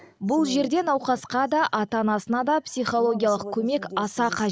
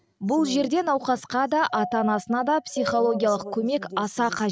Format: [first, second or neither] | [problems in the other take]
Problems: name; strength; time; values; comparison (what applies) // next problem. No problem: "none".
first | noise reduction (neural mask model RNNoise)